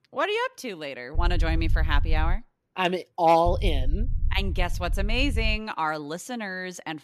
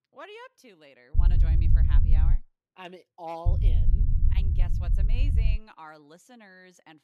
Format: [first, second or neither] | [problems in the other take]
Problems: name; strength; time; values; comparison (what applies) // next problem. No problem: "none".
first | low rumble; loud; from 1 to 2.5 s and from 3.5 to 5.5 s; 1 dB below the speech; faint in the first